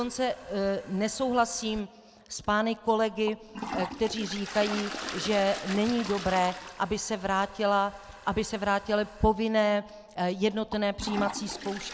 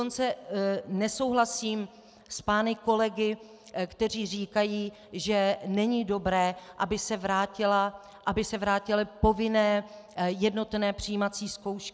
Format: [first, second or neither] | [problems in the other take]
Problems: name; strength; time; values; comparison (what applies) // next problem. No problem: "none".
second | background sound (Toilet flush); 12 dB below the speech